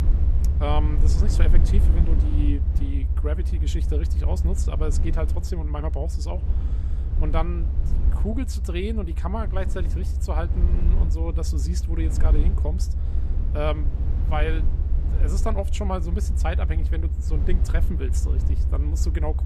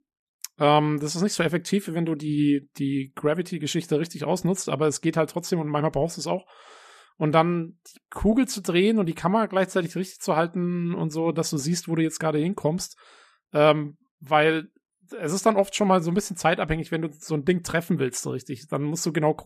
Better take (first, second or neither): second